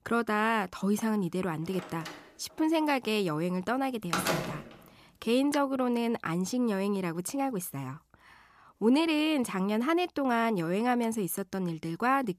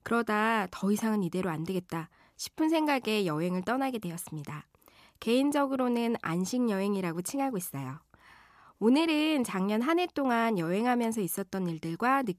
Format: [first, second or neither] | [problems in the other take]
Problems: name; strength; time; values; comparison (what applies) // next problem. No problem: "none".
second | door banging; noticeable; from 2 to 5.5 s; peak level with the speech